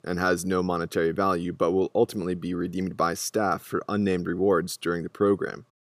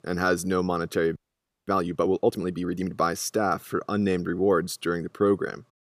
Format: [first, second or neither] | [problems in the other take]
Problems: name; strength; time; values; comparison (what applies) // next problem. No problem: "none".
first | audio freezing; at 1 s for 0.5 s